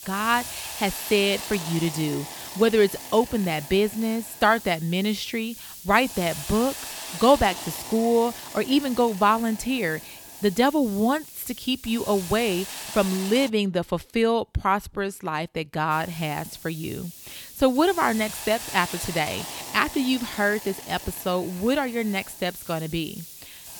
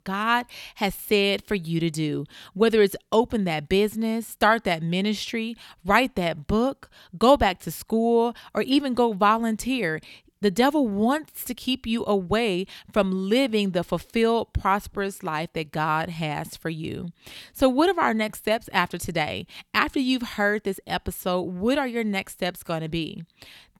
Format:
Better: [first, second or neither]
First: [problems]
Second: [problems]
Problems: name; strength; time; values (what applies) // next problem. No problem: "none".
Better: second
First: hiss; noticeable; until 13 s and from 16 s on; 10 dB below the speech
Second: none